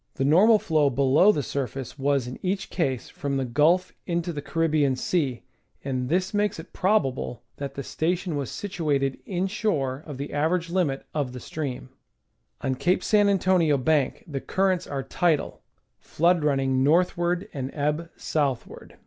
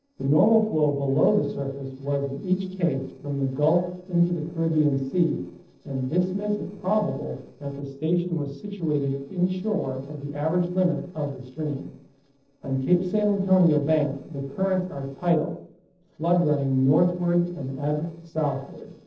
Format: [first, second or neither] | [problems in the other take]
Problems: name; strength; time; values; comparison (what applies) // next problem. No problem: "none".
first | noise reduction (neural separator model SepFormer DNS4)